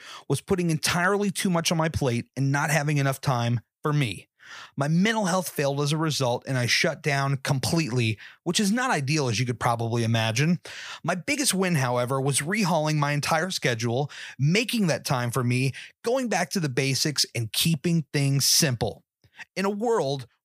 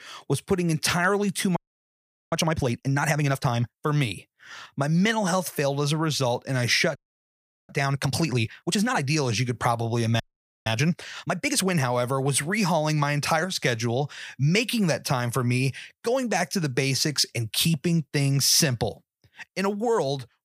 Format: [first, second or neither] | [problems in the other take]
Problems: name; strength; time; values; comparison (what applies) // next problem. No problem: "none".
first | audio freezing; at 1.5 s for 1 s, at 7 s for 0.5 s and at 10 s